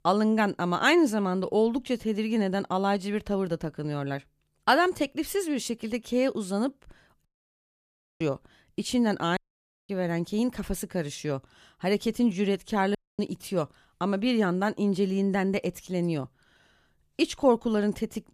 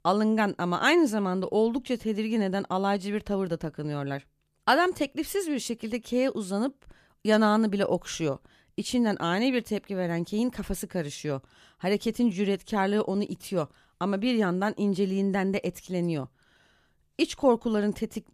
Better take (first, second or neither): second